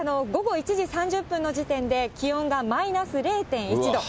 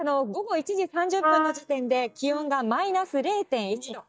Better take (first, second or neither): first